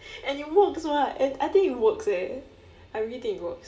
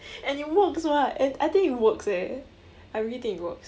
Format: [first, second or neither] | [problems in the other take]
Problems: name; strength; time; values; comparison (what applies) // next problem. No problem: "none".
second | room echo; dies away in 2.2 s